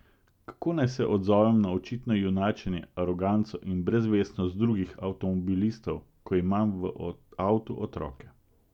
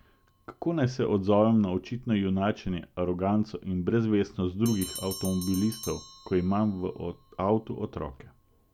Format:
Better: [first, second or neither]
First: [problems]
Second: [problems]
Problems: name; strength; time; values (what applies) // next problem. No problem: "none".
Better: first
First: none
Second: background sound (Bell); 19 dB below the speech